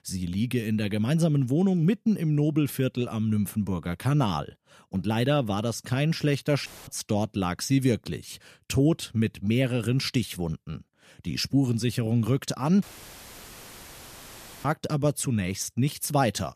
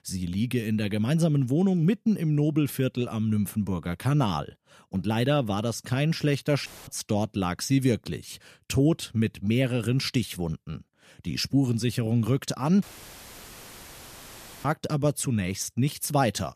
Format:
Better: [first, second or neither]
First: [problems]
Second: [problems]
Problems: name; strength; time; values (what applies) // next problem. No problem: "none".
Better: neither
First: audio cutting out; filled with static; at 6.5 s and at 13 s for 2 s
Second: audio cutting out; filled with static; at 6.5 s and at 13 s for 2 s